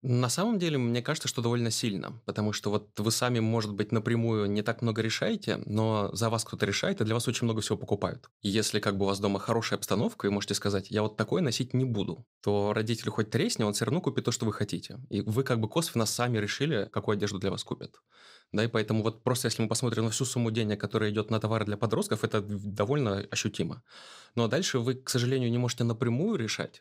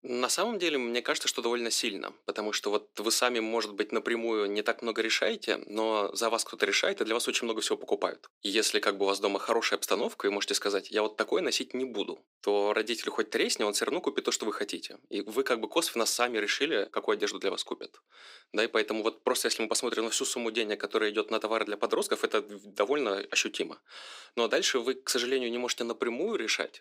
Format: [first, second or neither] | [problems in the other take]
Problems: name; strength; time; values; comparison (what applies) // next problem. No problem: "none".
first | thin; somewhat; fading below 300 Hz